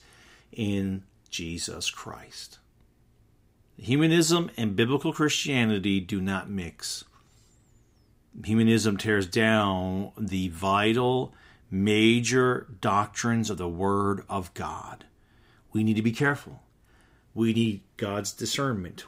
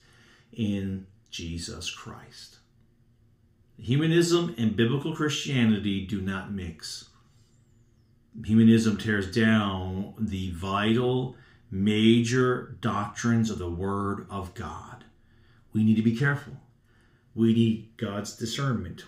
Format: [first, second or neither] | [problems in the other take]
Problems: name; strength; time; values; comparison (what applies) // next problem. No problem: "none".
first | room echo; very slight; dies away in 0.3 s